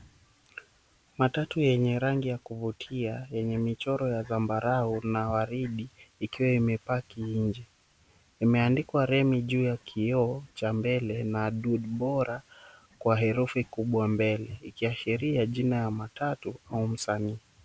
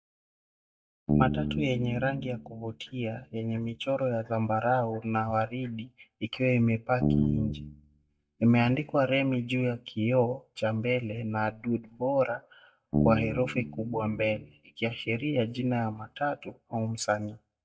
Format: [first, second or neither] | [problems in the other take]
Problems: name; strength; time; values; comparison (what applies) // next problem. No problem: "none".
first | noise reduction (neural mask model DeepFilterNet 3)